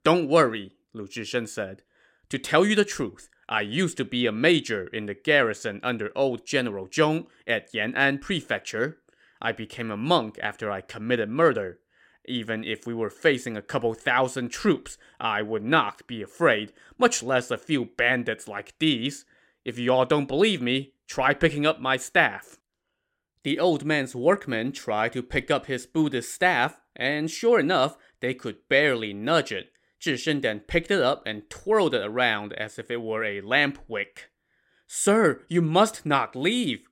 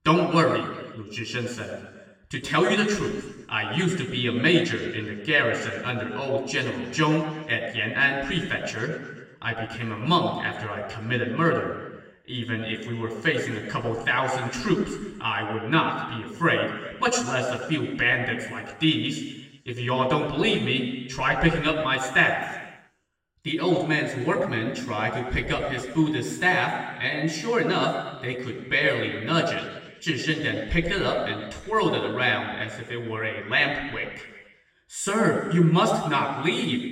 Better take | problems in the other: first | room echo; slight; dies away in 1.3 s // off-mic speech; somewhat distant

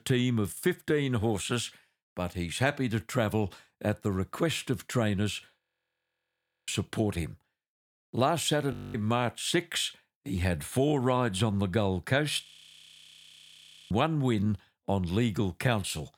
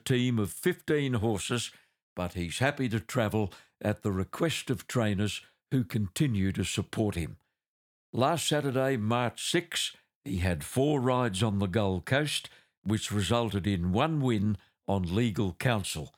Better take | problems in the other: second | audio freezing; at 5.5 s for 1 s, at 8.5 s and at 12 s for 1.5 s

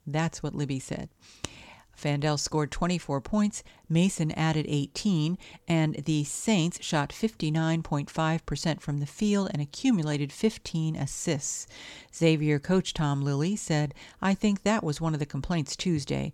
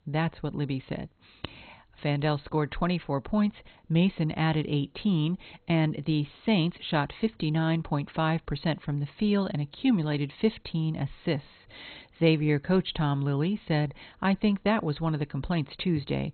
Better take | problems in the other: first | garbled, watery; badly; nothing above 4 kHz

